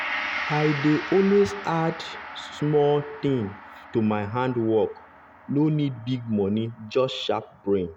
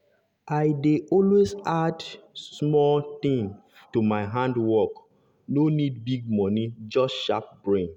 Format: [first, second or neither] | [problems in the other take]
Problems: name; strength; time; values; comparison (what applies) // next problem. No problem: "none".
second | background sound (Gong); 12 dB below the speech